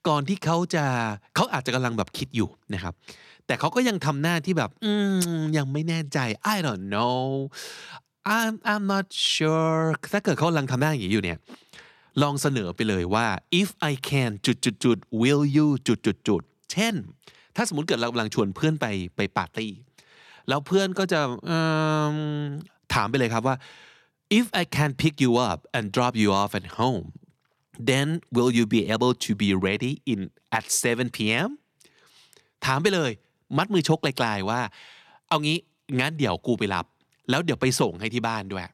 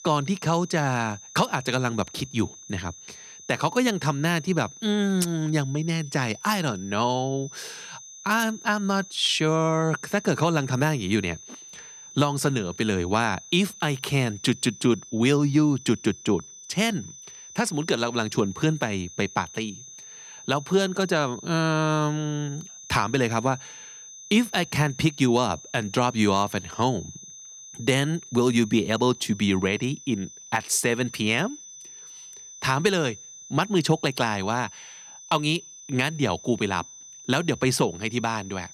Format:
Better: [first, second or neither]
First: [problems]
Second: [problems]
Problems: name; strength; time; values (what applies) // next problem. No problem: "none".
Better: first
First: none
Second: high-pitched whine; noticeable; throughout; 6 kHz, 15 dB below the speech